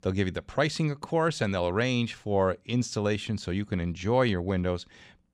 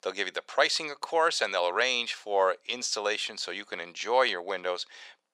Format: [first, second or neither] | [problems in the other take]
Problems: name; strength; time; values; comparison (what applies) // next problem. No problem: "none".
first | thin; very; fading below 550 Hz